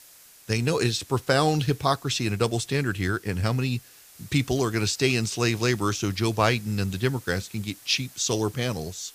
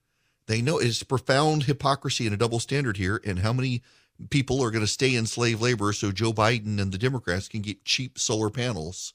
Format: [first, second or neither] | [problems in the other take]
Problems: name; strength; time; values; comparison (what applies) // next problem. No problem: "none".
second | hiss; faint; throughout; 20 dB below the speech